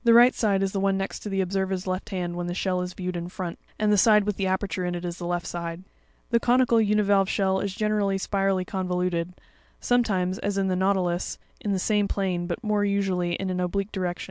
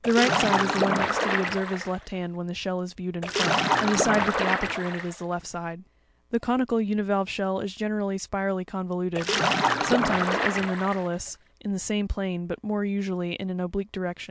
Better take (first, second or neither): first